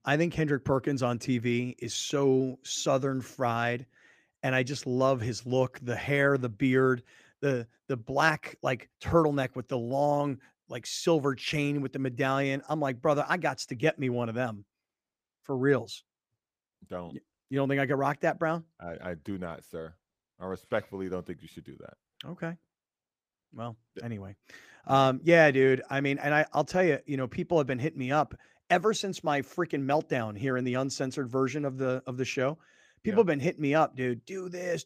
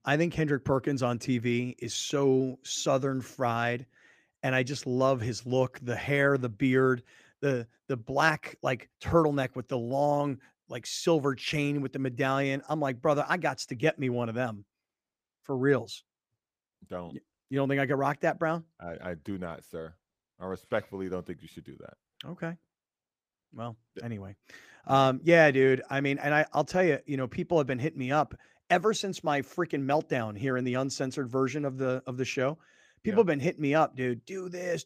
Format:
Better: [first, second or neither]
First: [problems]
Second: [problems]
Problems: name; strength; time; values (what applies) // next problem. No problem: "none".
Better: neither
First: none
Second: none